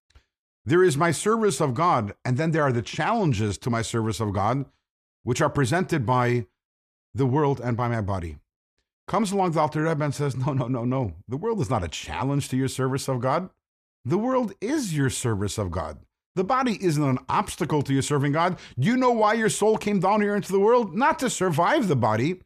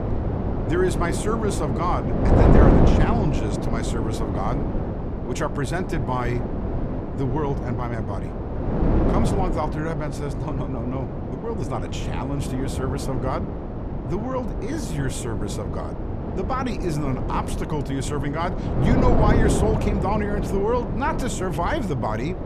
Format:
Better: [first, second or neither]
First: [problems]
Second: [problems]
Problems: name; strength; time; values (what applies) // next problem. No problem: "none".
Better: first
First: none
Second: wind noise on the microphone; heavy; 2 dB below the speech